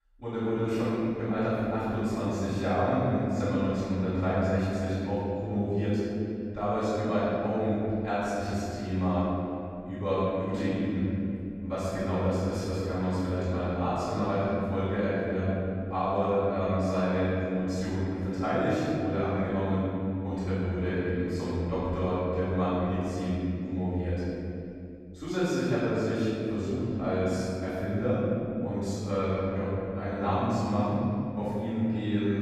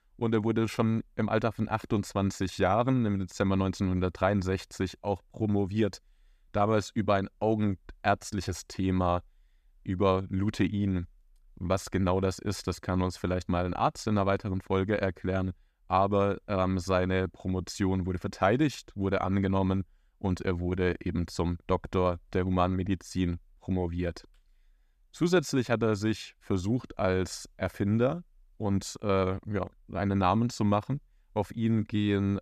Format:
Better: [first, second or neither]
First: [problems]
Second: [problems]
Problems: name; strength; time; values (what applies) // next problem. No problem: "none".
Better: second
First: off-mic speech; far // room echo; strong; dies away in 2.6 s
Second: none